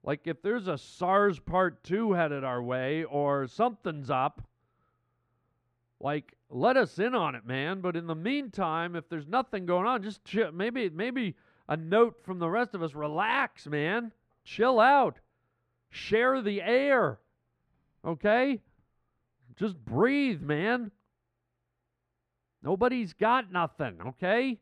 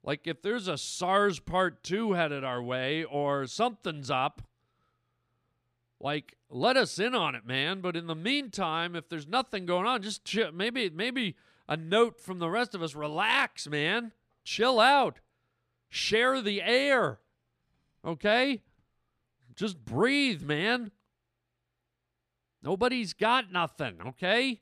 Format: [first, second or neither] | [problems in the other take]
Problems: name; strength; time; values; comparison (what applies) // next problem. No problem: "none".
second | muffled; slightly; fading above 3 kHz